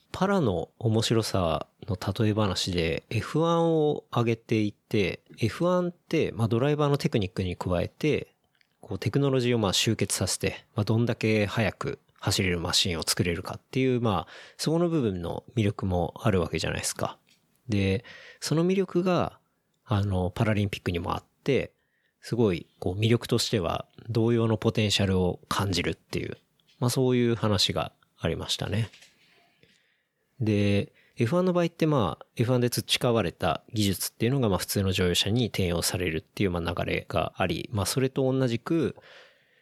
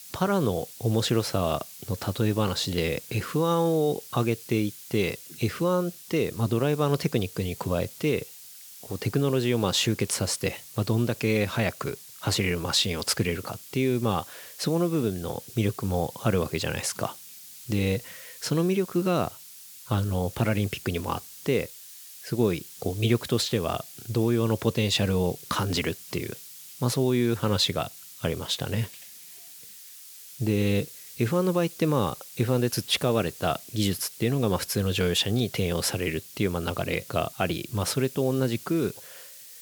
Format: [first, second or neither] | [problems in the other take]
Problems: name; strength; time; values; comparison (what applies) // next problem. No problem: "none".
first | hiss; noticeable; throughout; 15 dB below the speech